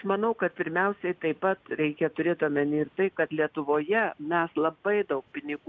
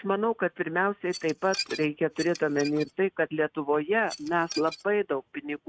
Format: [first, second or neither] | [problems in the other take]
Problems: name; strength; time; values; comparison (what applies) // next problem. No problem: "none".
first | noise reduction (neural mask model RNNoise)